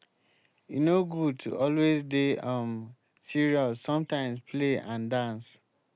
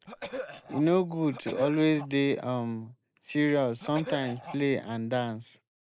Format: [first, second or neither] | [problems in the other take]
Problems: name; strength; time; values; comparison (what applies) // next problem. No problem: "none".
first | noise reduction (neural mask model Resemble Enhance denoiser)